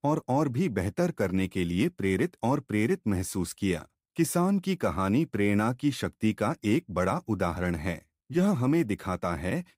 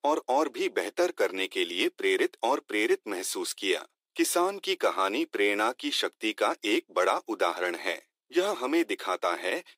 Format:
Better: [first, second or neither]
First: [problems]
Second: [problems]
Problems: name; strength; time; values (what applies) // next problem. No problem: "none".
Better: first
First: none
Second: thin; very; fading below 350 Hz